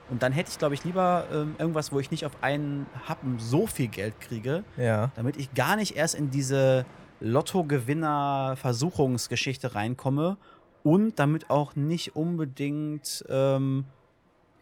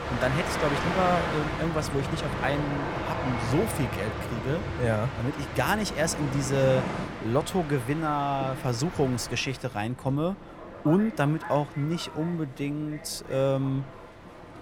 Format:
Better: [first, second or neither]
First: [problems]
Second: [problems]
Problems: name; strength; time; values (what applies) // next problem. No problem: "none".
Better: first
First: train or aircraft noise; faint; throughout; 25 dB below the speech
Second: train or aircraft noise; loud; throughout; 5 dB below the speech